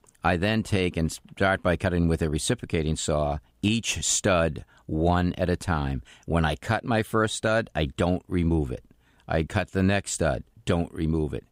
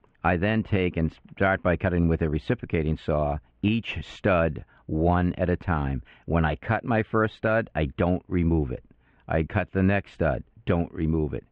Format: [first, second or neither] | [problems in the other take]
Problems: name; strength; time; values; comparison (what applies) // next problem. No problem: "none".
first | muffled; very; fading above 2.5 kHz